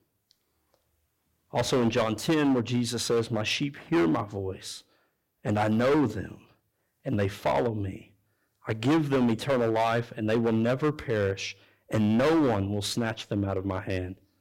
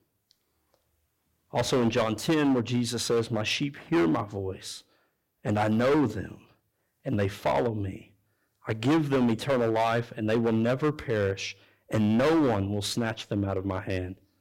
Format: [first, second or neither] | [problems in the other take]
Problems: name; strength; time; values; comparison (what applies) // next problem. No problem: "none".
neither | distortion; heavy; 9% of the sound clipped; the same in both